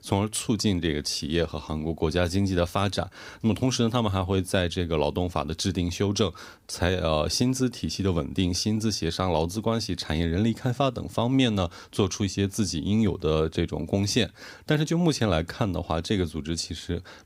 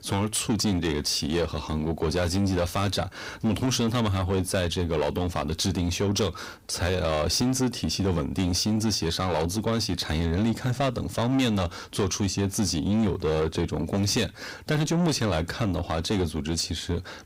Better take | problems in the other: first | distortion; heavy; 8 dB below the speech

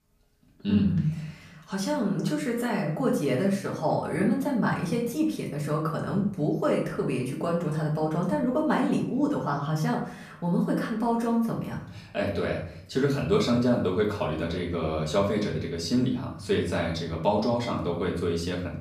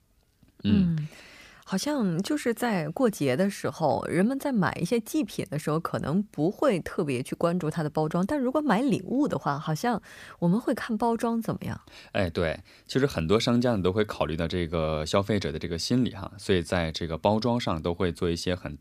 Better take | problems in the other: second | off-mic speech; far // room echo; slight; dies away in 0.5 s

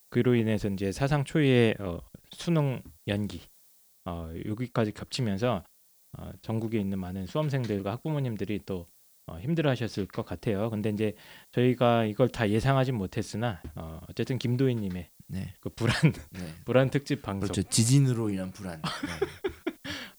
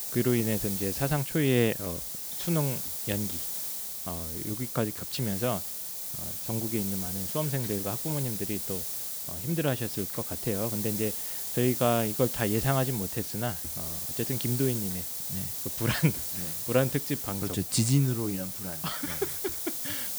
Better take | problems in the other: first | hiss; loud; throughout; 1 dB below the speech; faint in the first

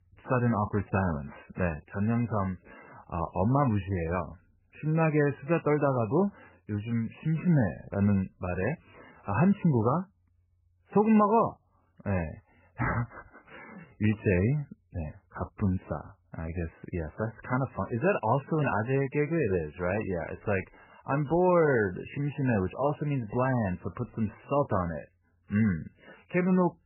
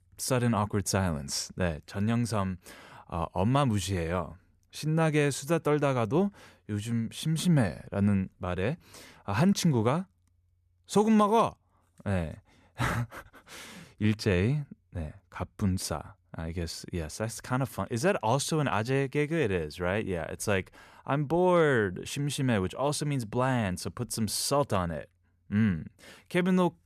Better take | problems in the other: second | garbled, watery; badly; nothing above 2.5 kHz

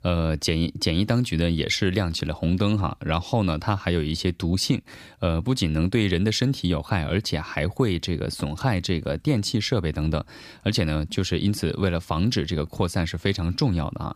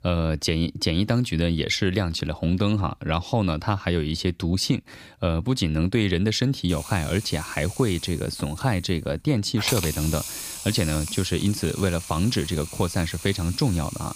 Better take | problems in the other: first | hiss; loud; from 6.5 s on; 9 dB below the speech

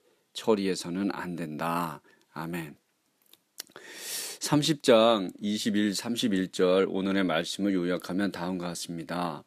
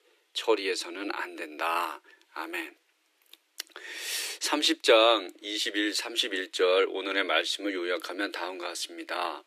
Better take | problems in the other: first | thin; very; fading below 300 Hz

